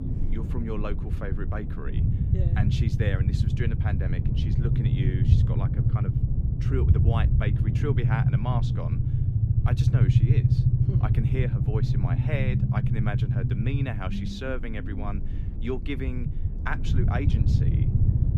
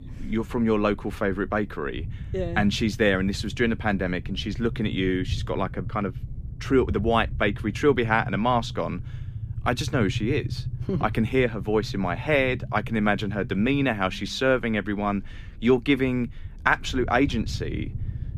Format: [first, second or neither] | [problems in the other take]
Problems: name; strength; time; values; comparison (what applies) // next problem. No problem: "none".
second | low rumble; loud; throughout; as loud as the speech; faint in the second